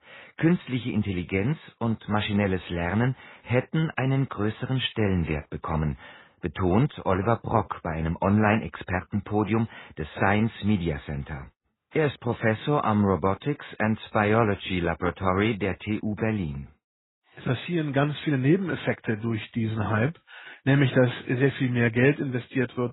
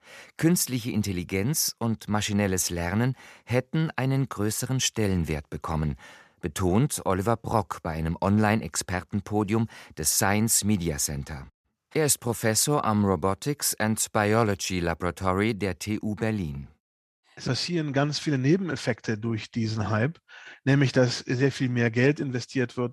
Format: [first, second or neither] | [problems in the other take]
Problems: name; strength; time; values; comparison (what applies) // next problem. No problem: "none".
second | garbled, watery; badly; nothing above 4 kHz